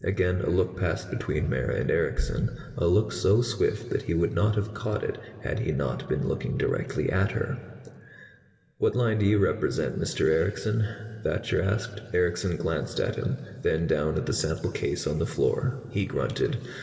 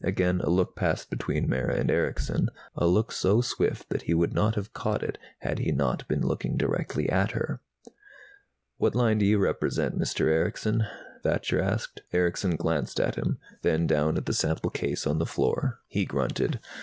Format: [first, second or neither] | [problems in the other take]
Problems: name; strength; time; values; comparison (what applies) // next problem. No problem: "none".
second | room echo; dies away in 2.4 s